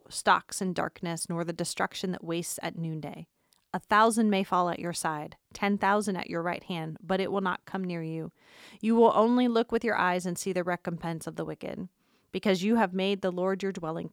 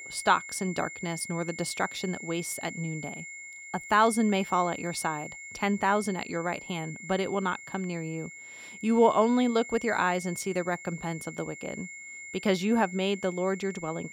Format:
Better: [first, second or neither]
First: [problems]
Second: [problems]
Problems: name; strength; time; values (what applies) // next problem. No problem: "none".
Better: first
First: none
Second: high-pitched whine; noticeable; throughout; 2 kHz, 10 dB below the speech